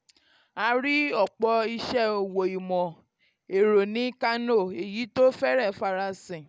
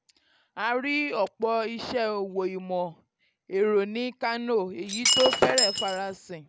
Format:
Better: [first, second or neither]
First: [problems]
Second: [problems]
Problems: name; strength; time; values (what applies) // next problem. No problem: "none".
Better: first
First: none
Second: background sound (Shatter); 3 dB above the speech